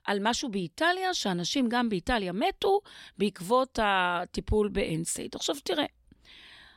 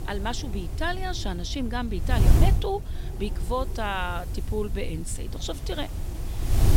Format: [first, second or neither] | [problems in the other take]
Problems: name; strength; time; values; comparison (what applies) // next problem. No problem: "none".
first | wind noise on the microphone; heavy; 9 dB below the speech